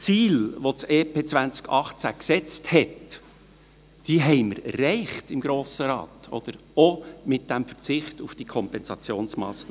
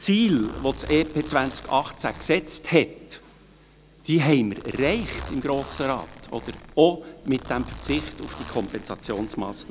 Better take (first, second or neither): first